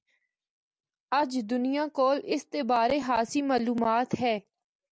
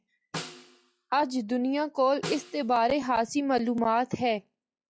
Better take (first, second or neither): first